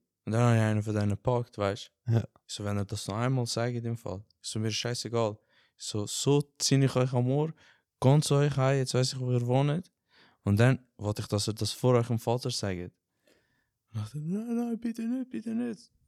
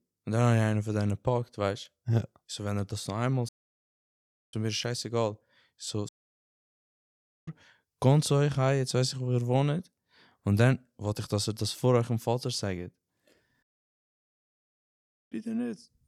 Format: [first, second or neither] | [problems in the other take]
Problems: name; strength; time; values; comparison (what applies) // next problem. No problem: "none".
first | audio cutting out; at 3.5 s for 1 s, at 6 s for 1.5 s and at 14 s for 1.5 s